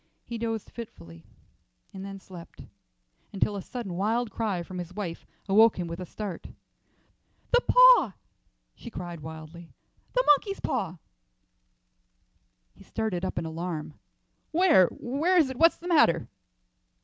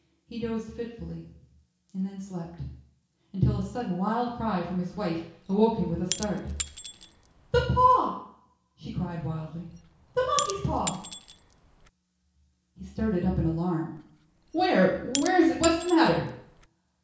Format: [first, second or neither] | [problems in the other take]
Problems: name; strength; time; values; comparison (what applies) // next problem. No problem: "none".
first | background sound (Shatter / Crushing); 12 dB below the speech // room echo; dies away in 0.6 s